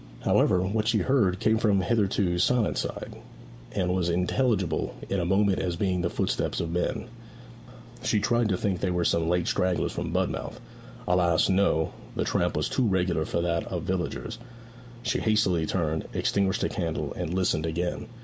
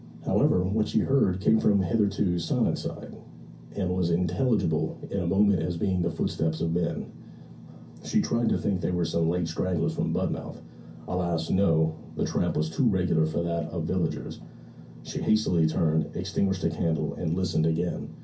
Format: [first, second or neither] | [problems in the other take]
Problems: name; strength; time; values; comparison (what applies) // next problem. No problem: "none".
first | room echo; dies away in 0.3 s